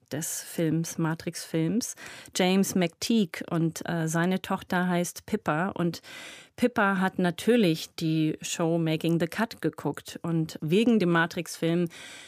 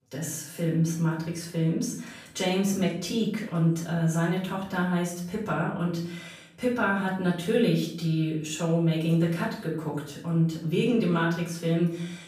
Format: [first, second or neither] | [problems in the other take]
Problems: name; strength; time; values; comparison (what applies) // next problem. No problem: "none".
first | off-mic speech; far // room echo; noticeable; dies away in 0.5 s